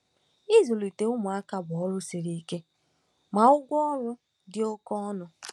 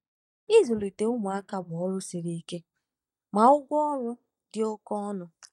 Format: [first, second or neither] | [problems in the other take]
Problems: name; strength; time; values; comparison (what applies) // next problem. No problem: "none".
first | noise reduction (neural mask model DeepFilterNet 3)